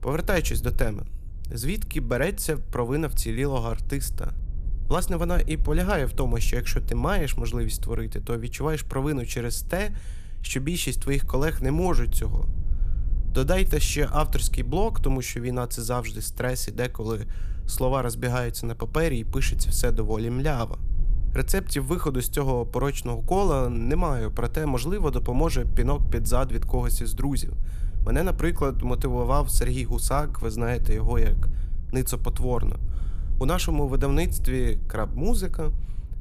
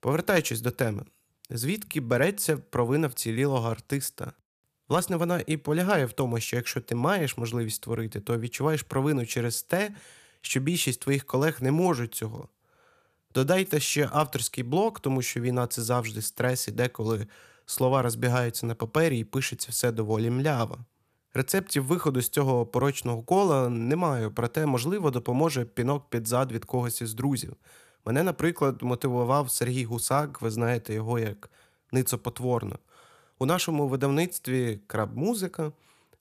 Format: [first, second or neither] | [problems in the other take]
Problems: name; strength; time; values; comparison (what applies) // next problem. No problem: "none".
second | low rumble; faint; throughout; 20 dB below the speech